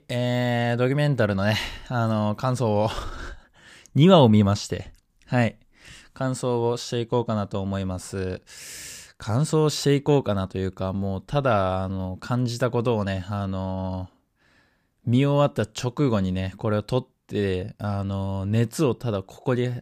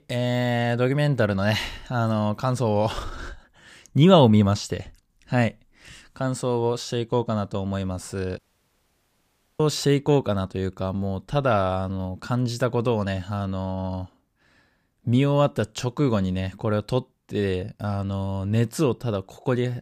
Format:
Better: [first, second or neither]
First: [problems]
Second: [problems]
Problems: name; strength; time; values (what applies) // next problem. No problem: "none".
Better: first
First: none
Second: audio cutting out; at 8.5 s for 1 s